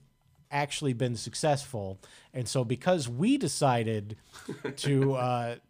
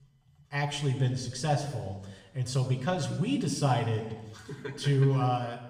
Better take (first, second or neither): first